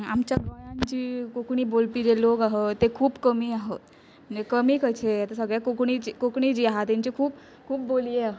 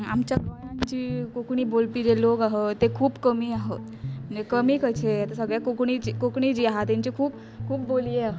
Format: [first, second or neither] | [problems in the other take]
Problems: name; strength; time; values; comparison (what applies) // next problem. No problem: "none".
first | background sound (Guitar); 11 dB below the speech